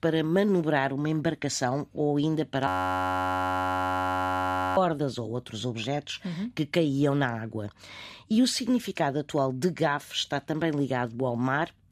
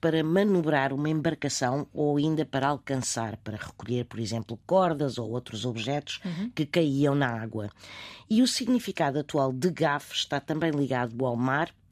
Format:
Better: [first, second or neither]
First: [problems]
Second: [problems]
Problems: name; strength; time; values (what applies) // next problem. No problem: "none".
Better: second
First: audio freezing; at 2.5 s for 2 s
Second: none